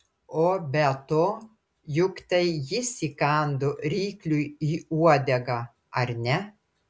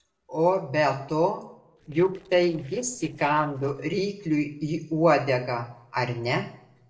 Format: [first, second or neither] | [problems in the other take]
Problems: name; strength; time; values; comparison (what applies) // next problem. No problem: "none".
first | noise reduction (neural separator model SepFormer DNS4)